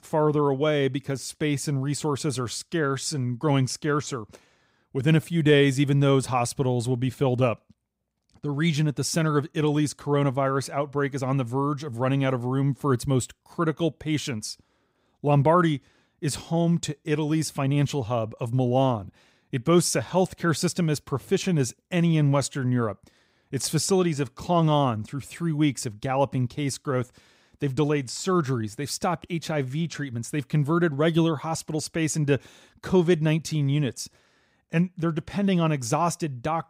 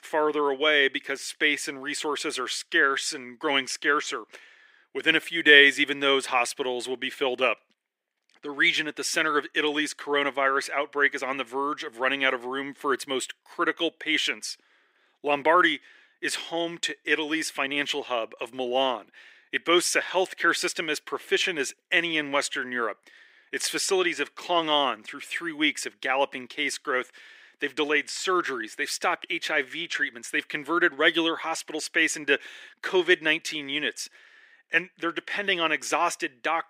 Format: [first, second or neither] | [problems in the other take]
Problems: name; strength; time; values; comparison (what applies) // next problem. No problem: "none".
first | thin; very; fading below 350 Hz